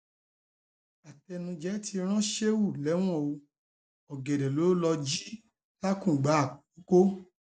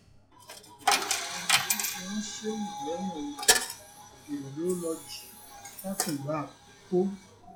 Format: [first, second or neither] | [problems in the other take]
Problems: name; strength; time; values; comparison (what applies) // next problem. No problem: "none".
first | noise reduction (classical method log-MMSE)